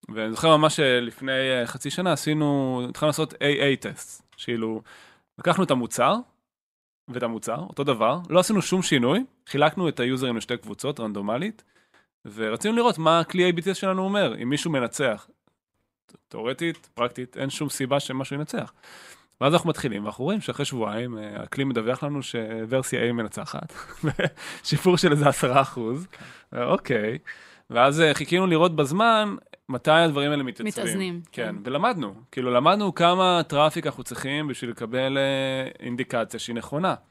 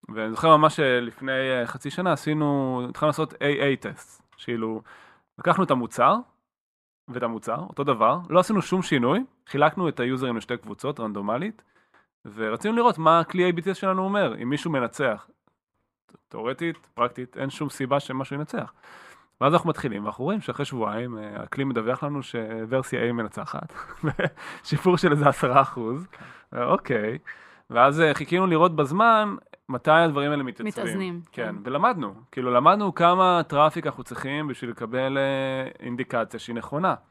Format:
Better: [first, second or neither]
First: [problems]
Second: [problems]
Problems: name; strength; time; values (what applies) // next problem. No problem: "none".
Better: first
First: none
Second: muffled; slightly; fading above 3 kHz